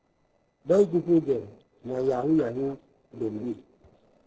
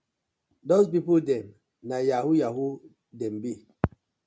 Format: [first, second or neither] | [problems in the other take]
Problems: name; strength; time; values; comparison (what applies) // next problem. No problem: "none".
second | noise reduction (neural separator model SepFormer DNS4)